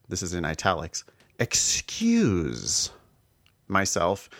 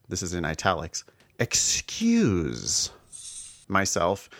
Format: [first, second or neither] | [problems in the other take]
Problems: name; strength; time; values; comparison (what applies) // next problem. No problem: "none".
first | jangling keys; faint; at 3 s; peak 15 dB below the speech